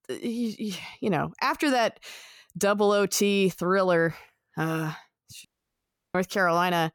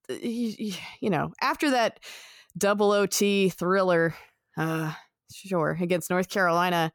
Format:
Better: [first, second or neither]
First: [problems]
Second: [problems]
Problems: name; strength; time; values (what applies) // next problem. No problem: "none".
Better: second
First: audio cutting out; at 5.5 s for 0.5 s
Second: none